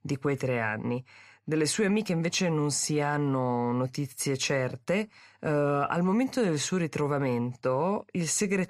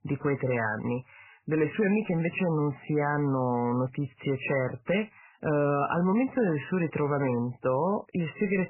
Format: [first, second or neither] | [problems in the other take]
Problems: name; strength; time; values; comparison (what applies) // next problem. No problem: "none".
first | garbled, watery; badly; nothing above 3 kHz